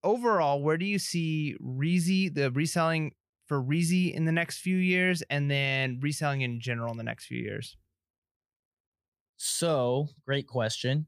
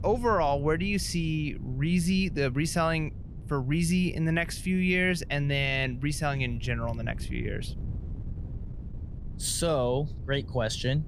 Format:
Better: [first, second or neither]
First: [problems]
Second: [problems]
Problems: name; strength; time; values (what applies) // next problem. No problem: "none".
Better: first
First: none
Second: wind noise on the microphone; occasional gusts; 25 dB below the speech